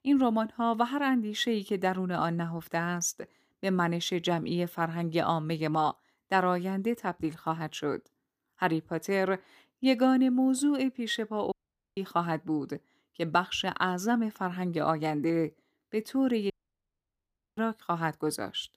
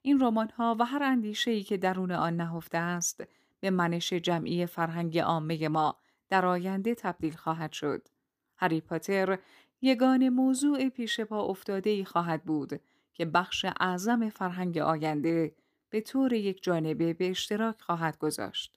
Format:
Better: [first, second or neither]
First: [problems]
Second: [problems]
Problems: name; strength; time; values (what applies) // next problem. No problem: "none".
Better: second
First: audio cutting out; at 12 s and at 17 s for 1 s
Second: none